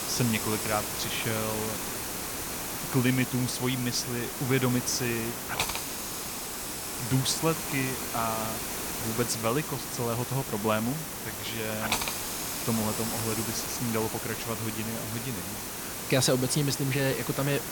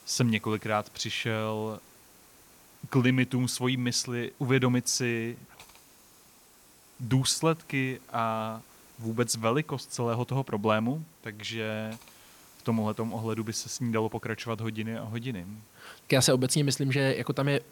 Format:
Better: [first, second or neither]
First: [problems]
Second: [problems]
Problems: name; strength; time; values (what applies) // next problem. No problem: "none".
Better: second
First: hiss; loud; throughout; 2 dB below the speech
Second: hiss; faint; throughout; 25 dB below the speech